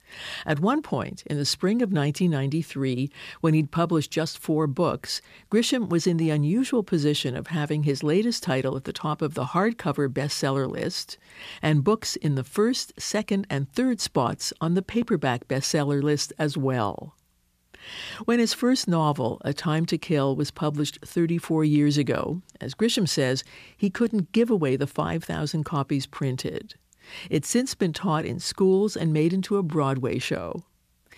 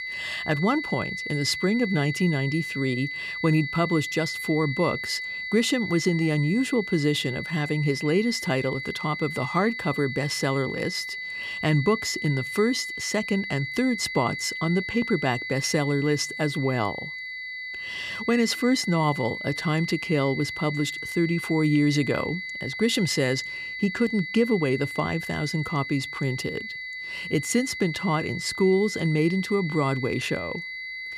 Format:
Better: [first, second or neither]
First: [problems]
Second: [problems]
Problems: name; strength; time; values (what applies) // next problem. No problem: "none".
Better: first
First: none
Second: high-pitched whine; loud; throughout; 2 kHz, 6 dB below the speech